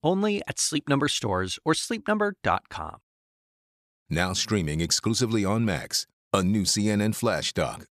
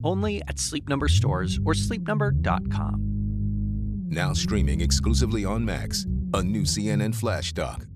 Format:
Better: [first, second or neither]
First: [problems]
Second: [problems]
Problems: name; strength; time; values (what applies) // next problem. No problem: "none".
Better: first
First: none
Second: low rumble; noticeable; throughout; 10 dB below the speech